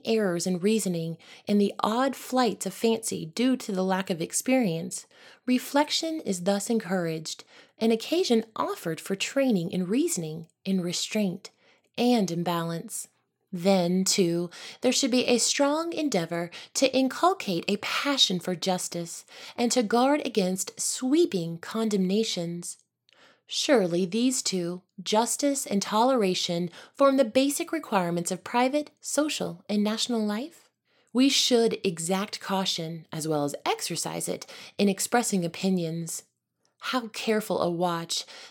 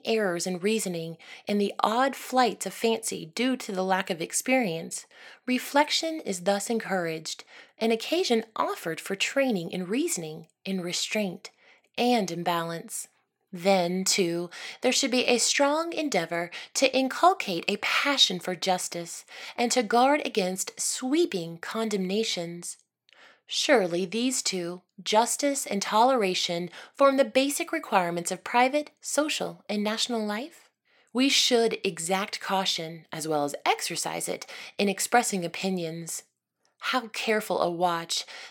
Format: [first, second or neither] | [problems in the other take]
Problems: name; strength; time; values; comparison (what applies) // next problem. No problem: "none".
first | thin; very slightly; fading below 250 Hz